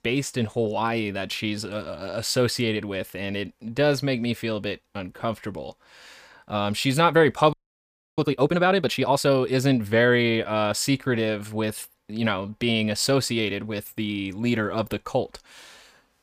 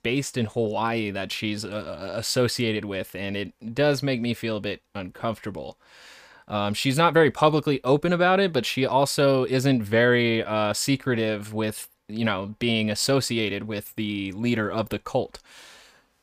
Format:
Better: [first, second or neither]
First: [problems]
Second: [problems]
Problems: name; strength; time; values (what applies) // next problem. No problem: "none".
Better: second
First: audio freezing; at 7.5 s for 0.5 s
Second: none